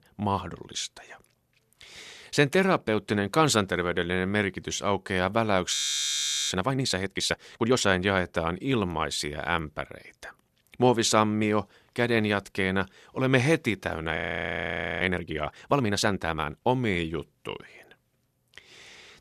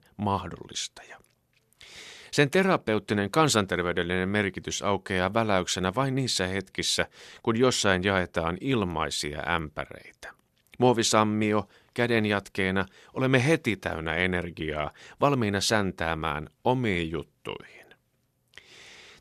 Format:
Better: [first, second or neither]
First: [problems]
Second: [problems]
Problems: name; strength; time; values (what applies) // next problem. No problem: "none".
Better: second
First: audio freezing; at 5.5 s for 1 s and at 14 s for 1 s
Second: none